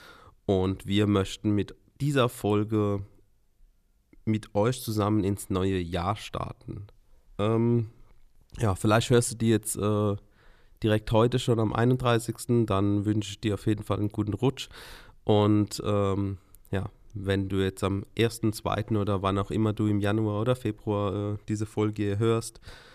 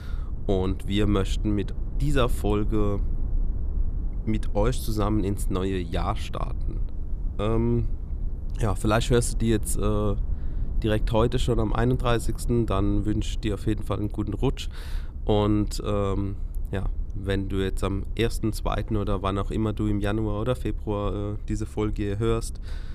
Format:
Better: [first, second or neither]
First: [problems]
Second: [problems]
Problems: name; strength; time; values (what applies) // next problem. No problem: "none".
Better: first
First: none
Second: low rumble; faint; throughout; 20 dB below the speech